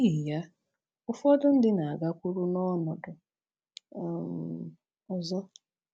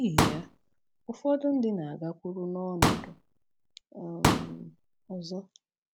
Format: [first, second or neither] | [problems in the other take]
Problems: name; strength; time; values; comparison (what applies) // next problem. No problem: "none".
first | background sound (Explosion); 4 dB above the speech